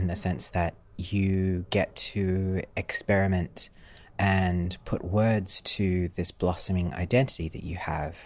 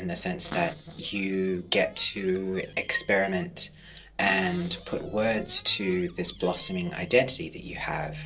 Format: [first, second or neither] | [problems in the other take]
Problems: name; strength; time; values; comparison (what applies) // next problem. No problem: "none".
first | noise reduction (neural separator model SepFormer DNS4)